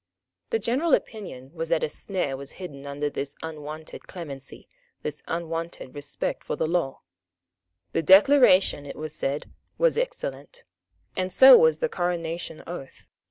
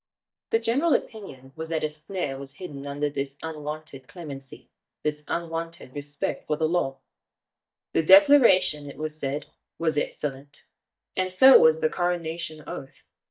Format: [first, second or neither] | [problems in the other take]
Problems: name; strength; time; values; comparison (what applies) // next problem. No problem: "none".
first | noise reduction (neural mask model DeepFilterNet 3)